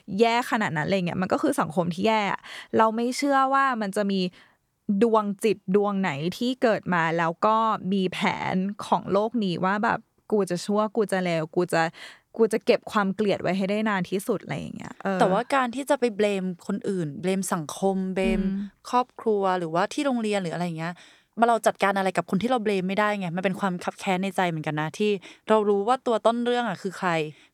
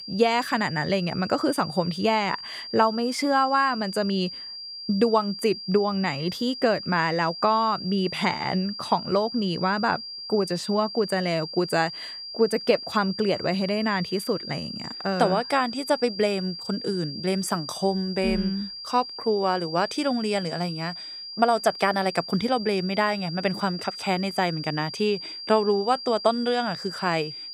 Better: first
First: none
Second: high-pitched whine; loud; throughout; 4.5 kHz, 9 dB below the speech

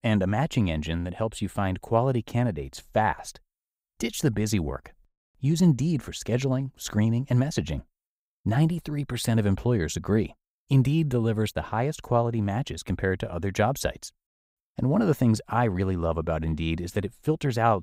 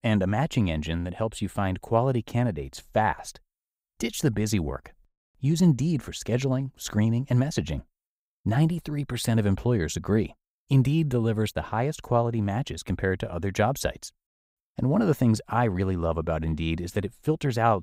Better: neither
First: none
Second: none

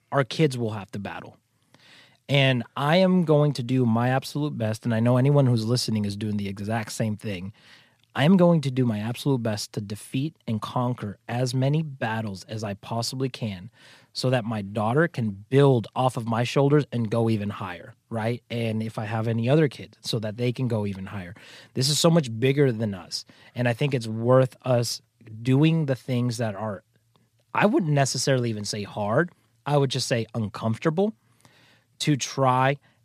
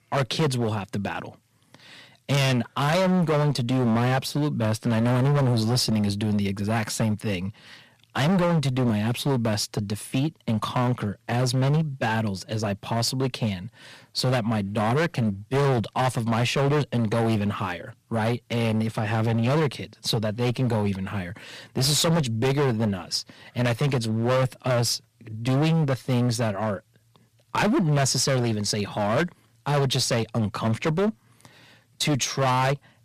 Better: first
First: none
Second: distortion; heavy; 17% of the sound clipped

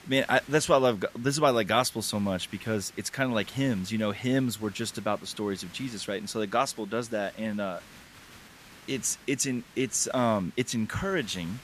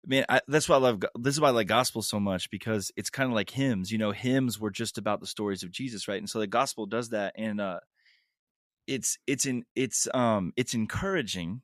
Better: second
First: hiss; faint; throughout; 20 dB below the speech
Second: none

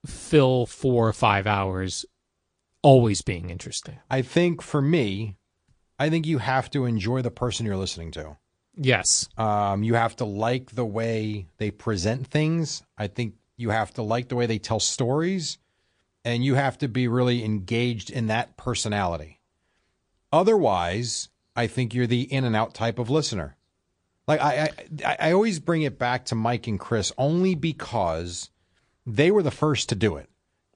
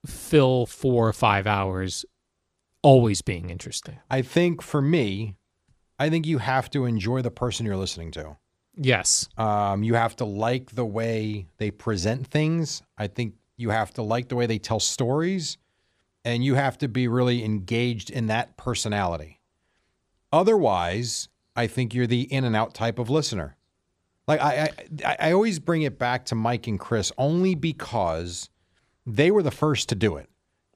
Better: second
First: garbled, watery; slightly; nothing above 9 kHz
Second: none

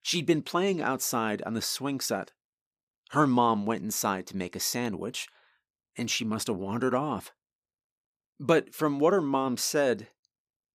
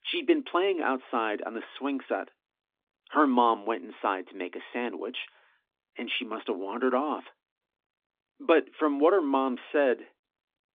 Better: first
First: none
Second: phone-call audio

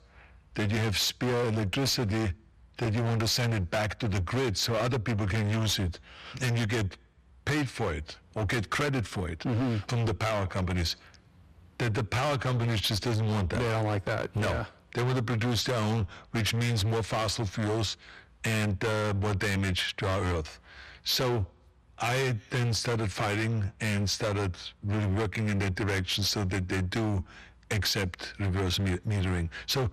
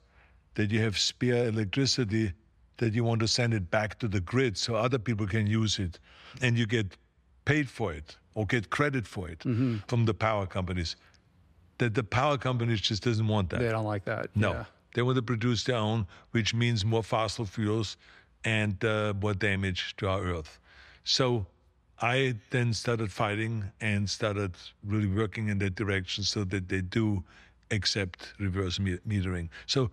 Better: second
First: distortion; heavy; 25% of the sound clipped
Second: none

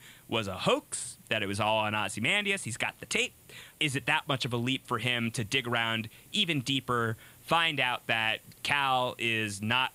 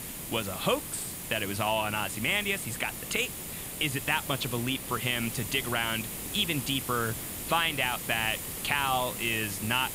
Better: first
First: hiss; faint; throughout; 25 dB below the speech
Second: hiss; loud; throughout; 6 dB below the speech

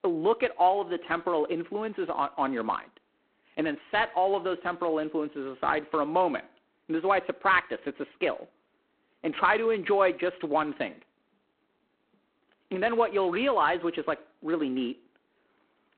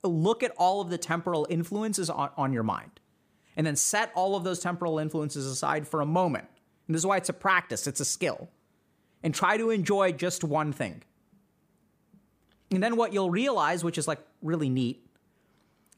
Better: second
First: phone-call audio; poor line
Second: none

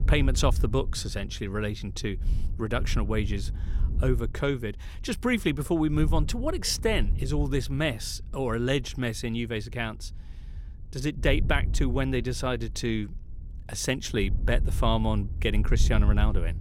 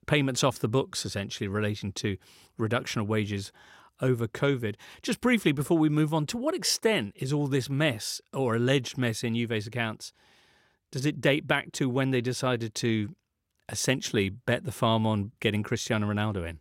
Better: second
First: wind noise on the microphone; occasional gusts; 20 dB below the speech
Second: none

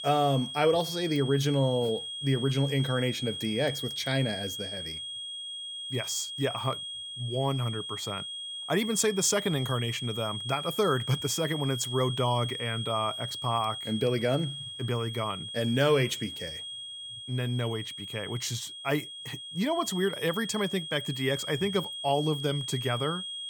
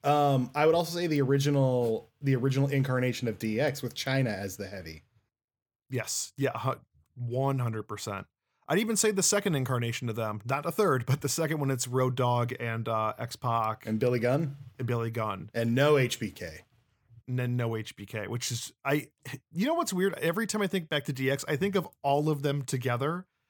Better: second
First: high-pitched whine; loud; throughout; 3.5 kHz, 6 dB below the speech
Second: none

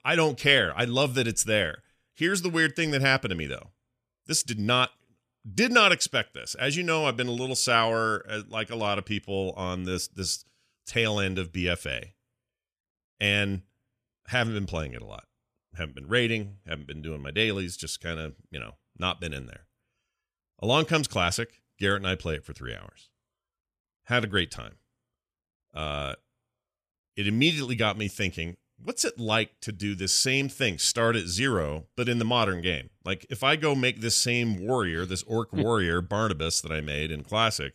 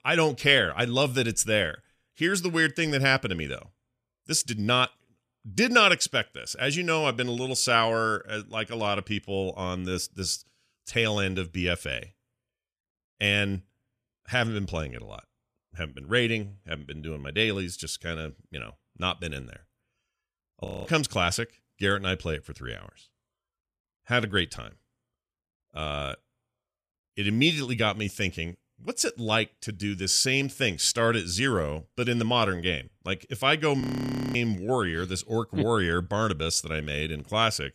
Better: first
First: none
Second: audio freezing; at 21 s and at 34 s for 0.5 s

